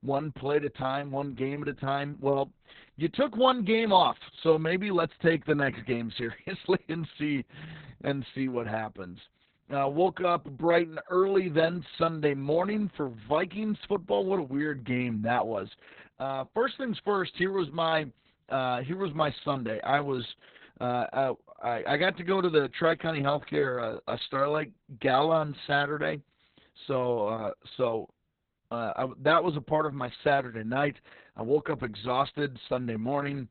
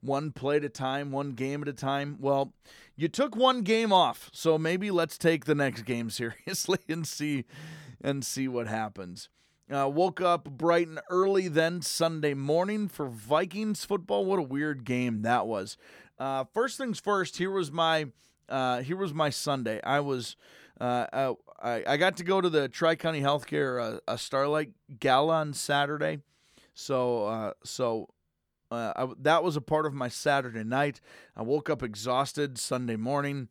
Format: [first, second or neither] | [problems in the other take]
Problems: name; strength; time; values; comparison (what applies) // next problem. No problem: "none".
second | garbled, watery; badly; nothing above 4 kHz